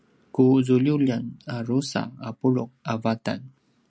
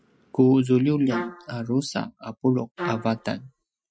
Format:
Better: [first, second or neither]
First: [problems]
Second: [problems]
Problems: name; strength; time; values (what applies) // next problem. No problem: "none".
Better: first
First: none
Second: noise reduction (classical method Wiener filter)